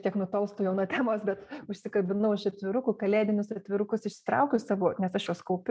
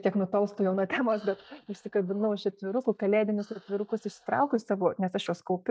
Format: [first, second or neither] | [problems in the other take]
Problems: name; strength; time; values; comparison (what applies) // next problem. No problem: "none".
first | noise reduction (neural mask model DeepFilterNet 3)